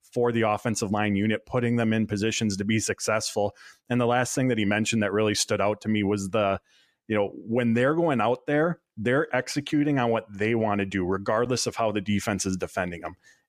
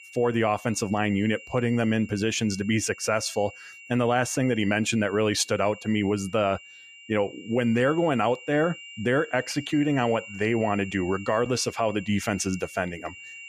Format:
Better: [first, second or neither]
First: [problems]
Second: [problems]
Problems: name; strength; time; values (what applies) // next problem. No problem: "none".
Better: first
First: none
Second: high-pitched whine; noticeable; throughout; 3 kHz, 15 dB below the speech